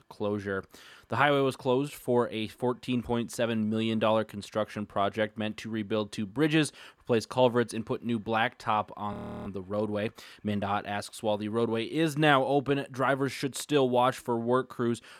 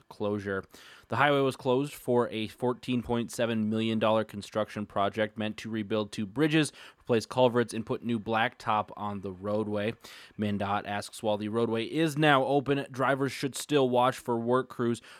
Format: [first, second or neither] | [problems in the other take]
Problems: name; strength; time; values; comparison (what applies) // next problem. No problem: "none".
second | audio freezing; at 9 s